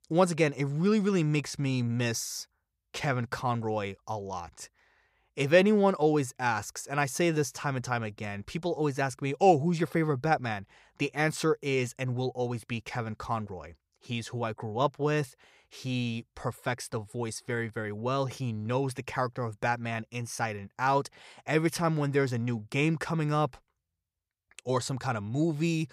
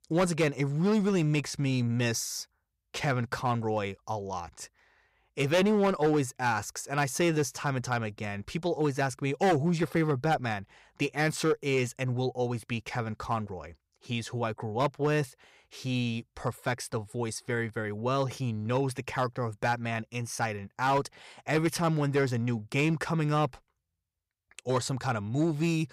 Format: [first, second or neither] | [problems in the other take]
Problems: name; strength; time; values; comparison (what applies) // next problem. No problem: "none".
first | distortion; slight; 3% of the sound clipped